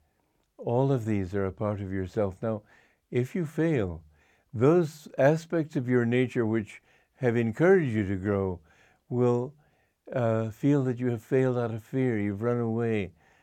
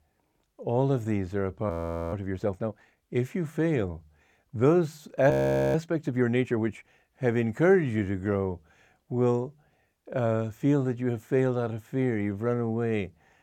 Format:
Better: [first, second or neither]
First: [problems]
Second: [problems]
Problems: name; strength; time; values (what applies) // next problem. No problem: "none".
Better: first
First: none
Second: audio freezing; at 1.5 s and at 5.5 s